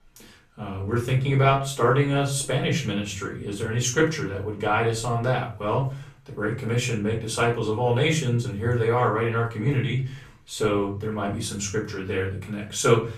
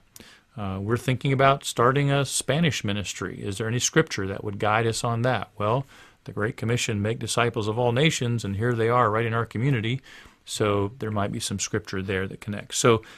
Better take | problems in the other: second | off-mic speech; far // room echo; slight; dies away in 0.4 s

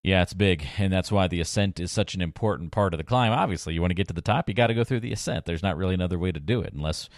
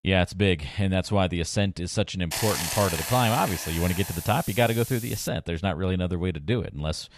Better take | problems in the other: first | hiss; loud; from 2.5 to 5.5 s; 5 dB below the speech

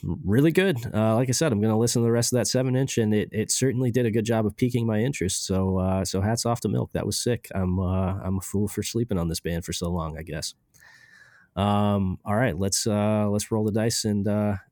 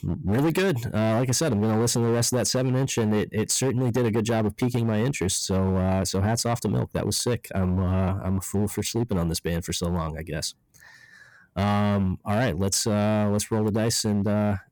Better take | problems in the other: first | distortion; slight; 13% of the sound clipped

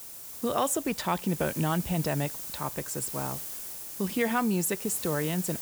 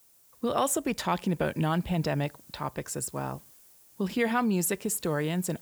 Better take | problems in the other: second | hiss; loud; throughout; 6 dB below the speech; faint in the second

